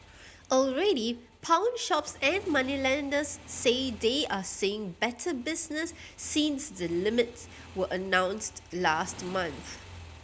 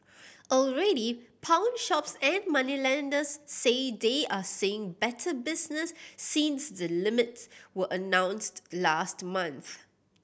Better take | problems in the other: second | background sound (Motorcycle); 19 dB below the speech

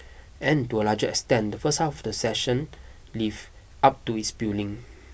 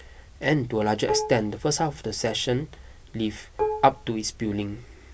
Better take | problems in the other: first | background sound (Dishes, pots, and pans); 6 dB below the speech

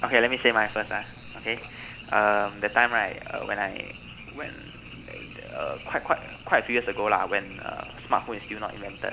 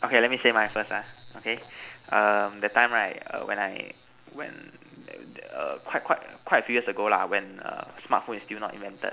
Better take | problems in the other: second | background sound (Frog); 16 dB below the speech

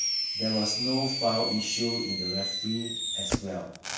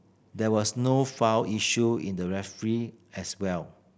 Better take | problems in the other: second | background sound (Fireworks); as loud as the speech // room echo; dies away in 0.7 s

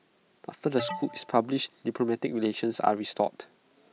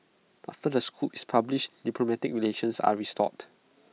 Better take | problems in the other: second | background sound (Alarm); 10 dB below the speech

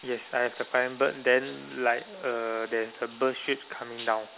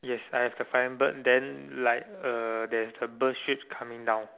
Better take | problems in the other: second | background sound (Bathtub (filling or washing)); 19 dB below the speech

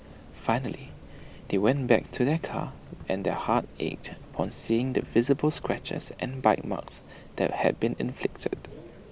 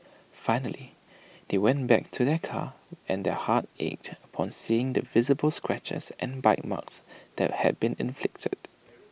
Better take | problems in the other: second | background sound (Subway, metro, underground); 17 dB below the speech

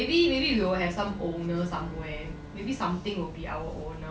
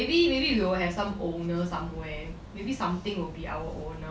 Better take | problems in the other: second | background sound (Bowed string instrument); 18 dB below the speech

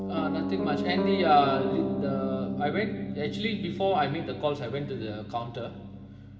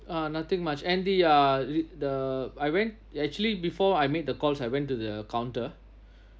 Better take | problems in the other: second | background sound (Piano); 2 dB below the speech // room echo; dies away in 1.7 s

